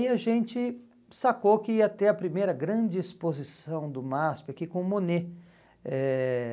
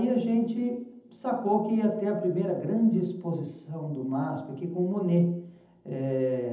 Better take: first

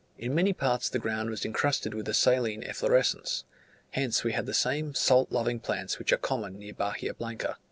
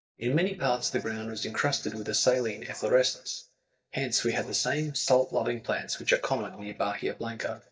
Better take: first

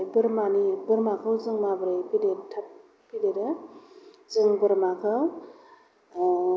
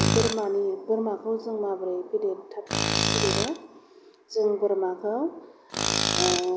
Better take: first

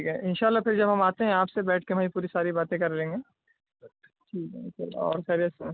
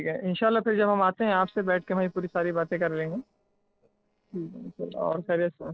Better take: first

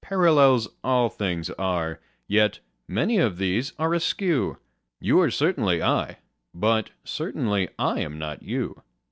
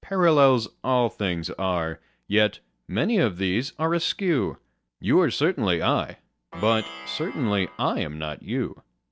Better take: first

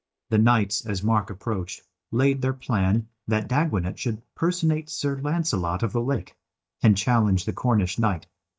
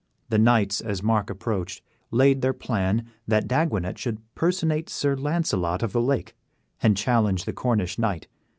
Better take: second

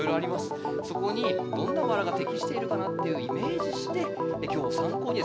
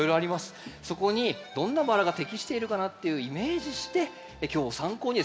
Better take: second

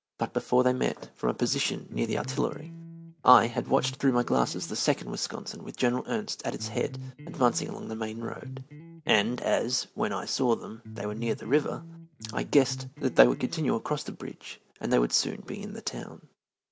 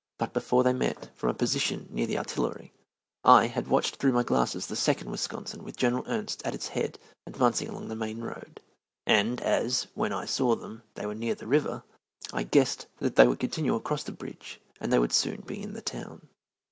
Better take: second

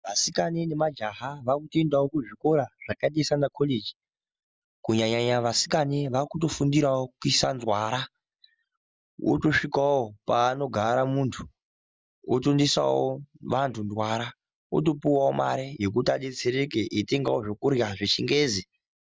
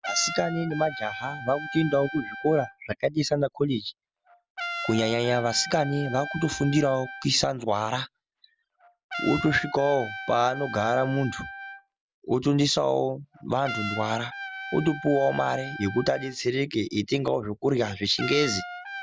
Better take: first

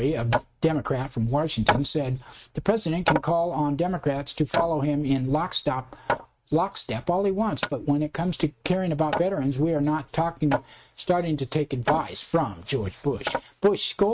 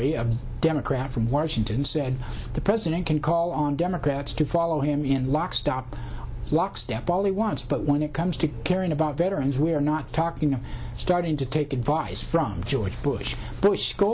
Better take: second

